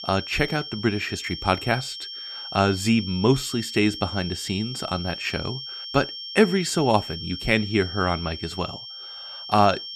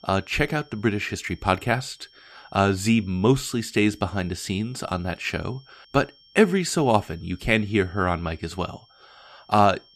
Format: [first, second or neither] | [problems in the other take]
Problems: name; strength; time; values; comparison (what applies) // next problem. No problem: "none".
second | high-pitched whine; loud; throughout; 5.5 kHz, 9 dB below the speech; faint in the second